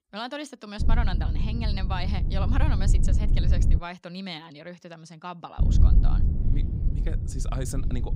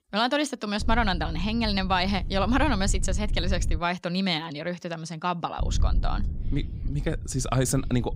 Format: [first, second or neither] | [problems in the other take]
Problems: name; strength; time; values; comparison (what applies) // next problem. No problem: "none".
second | low rumble; loud; from 1 to 4 s and from 5.5 s on; 5 dB below the speech; faint in the second